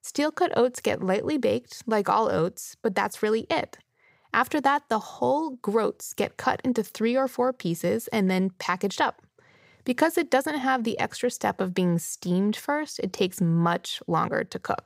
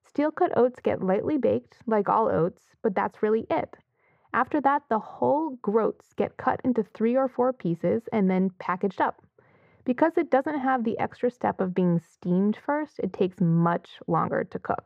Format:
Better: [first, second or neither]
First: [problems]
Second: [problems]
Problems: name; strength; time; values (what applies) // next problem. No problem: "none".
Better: first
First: none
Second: muffled; very; fading above 3.5 kHz